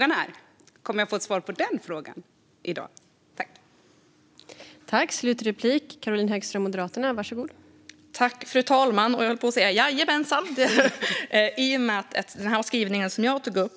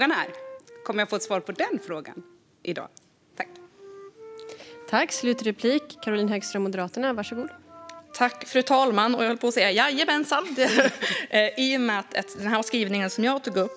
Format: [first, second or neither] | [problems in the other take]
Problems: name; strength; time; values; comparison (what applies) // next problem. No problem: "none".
first | background sound (Wind instrument, woodwind instrument); 20 dB below the speech